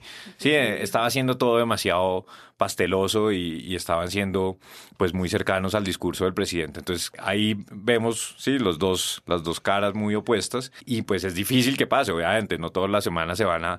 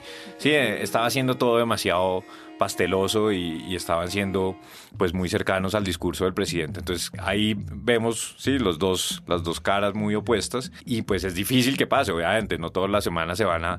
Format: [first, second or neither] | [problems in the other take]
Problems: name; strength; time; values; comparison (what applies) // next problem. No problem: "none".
first | background music; noticeable; throughout; 20 dB below the speech